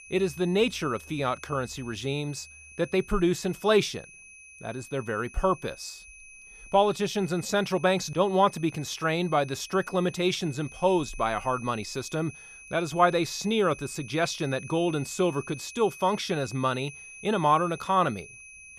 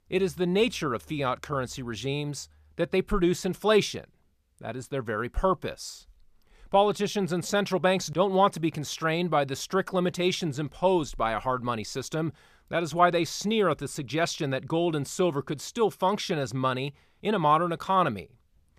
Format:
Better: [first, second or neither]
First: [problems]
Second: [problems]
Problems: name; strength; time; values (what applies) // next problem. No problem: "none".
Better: second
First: high-pitched whine; noticeable; throughout; 2.5 kHz, 20 dB below the speech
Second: none